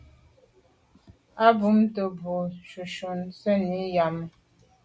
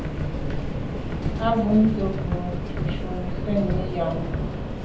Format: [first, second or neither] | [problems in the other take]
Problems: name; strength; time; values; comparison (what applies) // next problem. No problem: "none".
first | background sound (Subway, metro, underground); as loud as the speech // room echo; dies away in 0.9 s